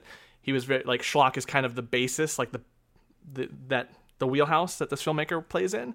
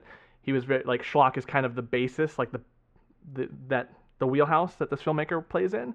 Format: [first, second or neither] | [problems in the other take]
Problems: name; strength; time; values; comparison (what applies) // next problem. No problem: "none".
first | muffled; very; fading above 2 kHz